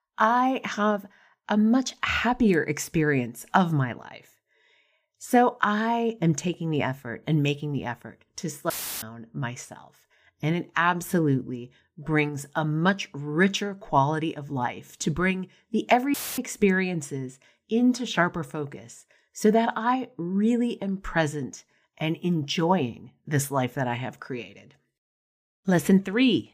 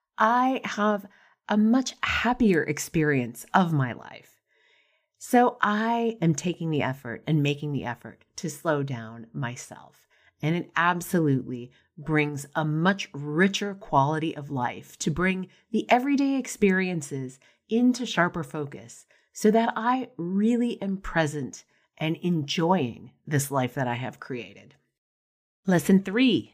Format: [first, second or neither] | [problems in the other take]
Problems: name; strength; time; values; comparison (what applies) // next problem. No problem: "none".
second | audio cutting out; filled with static; at 8.5 s and at 16 s